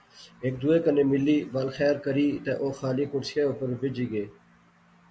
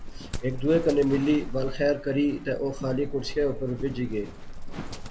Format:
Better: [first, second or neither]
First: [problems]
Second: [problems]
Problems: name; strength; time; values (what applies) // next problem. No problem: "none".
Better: first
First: none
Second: background sound (Wood + Livestock, farm animals, working animals); 8 dB below the speech